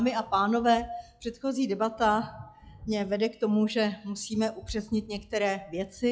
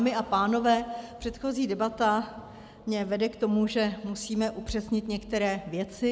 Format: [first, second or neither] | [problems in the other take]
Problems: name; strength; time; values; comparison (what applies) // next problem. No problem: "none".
second | noise reduction (classical method log-MMSE)